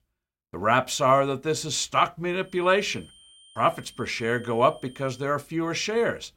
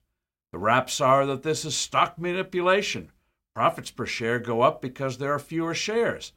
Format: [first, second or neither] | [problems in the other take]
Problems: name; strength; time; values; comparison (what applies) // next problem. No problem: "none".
second | high-pitched whine; faint; from 2.5 to 5.5 s; 3 kHz, 25 dB below the speech